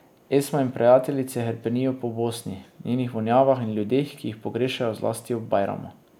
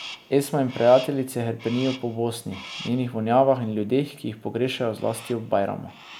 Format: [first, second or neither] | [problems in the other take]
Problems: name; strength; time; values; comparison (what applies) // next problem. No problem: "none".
first | background sound (Crow); 19 dB below the speech